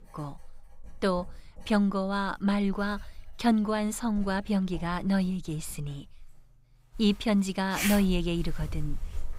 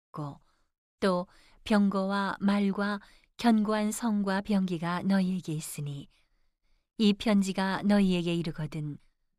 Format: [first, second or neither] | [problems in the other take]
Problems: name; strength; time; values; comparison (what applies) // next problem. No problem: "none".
second | household noises; noticeable; throughout; 10 dB below the speech